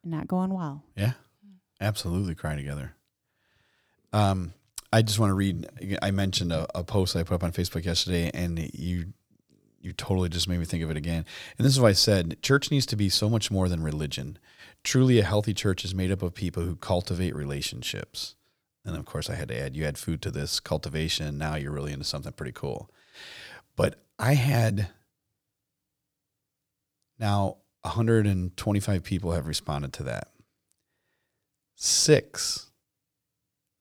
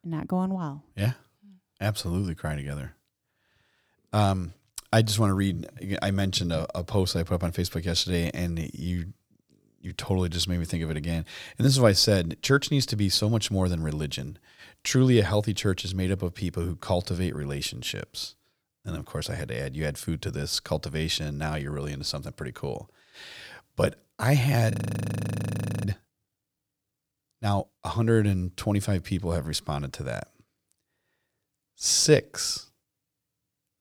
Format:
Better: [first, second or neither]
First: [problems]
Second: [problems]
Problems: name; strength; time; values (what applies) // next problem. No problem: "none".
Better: first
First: none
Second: audio freezing; at 25 s for 1 s